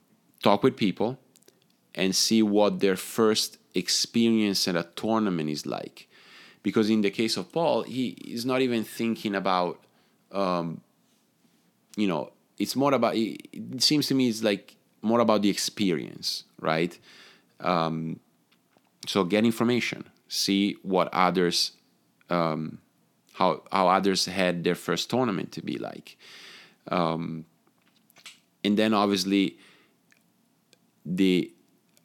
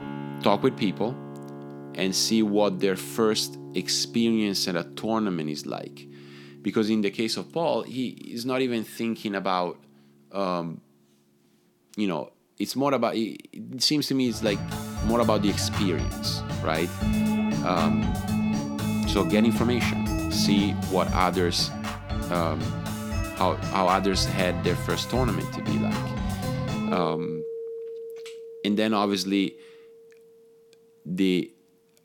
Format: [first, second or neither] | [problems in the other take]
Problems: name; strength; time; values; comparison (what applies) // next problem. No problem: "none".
first | background music; loud; throughout; 4 dB below the speech